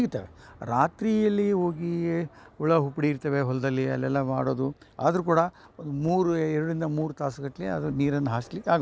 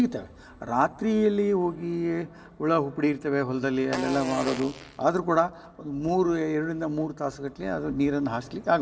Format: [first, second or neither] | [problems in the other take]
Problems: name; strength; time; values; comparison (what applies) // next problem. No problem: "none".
first | background sound (Fart); 10 dB below the speech // room echo; dies away in 0.4 s